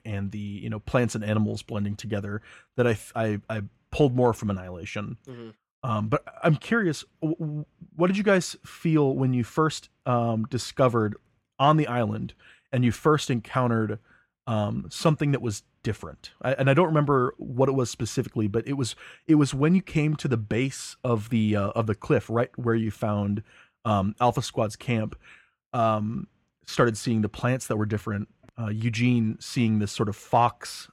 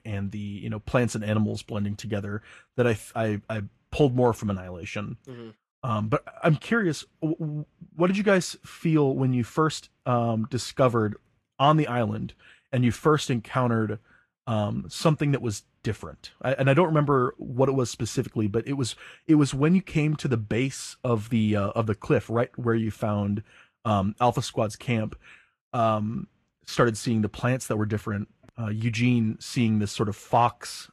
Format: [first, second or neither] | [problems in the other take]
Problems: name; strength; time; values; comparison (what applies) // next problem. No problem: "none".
first | garbled, watery; slightly; nothing above 12.5 kHz